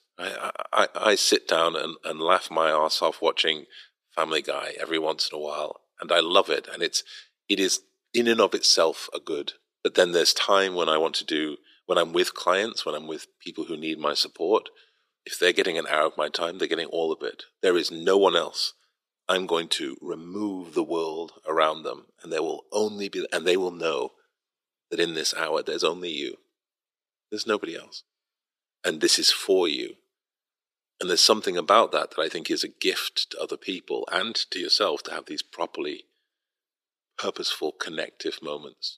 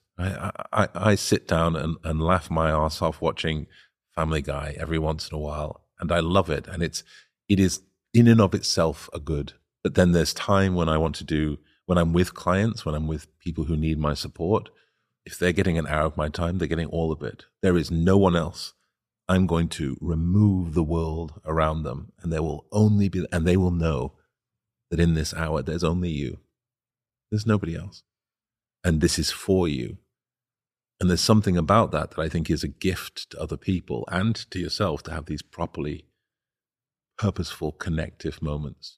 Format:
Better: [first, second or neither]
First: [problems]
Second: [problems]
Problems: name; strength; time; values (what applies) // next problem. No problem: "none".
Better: second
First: thin; very; fading below 350 Hz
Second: none